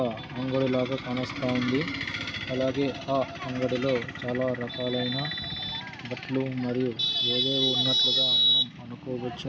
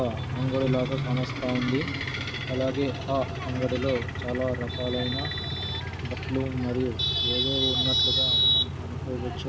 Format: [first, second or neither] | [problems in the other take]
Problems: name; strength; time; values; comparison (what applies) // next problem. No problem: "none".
first | background sound (Idling / Accelerating, revving, vroom / Car); 6 dB below the speech